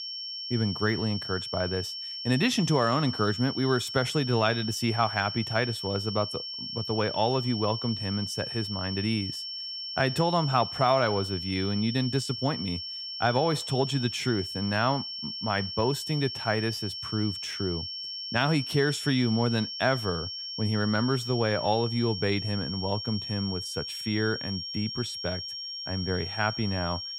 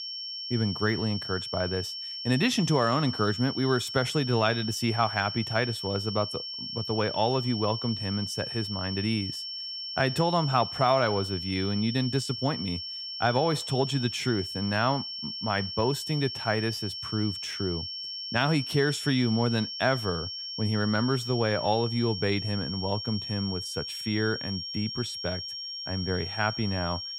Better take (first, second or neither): neither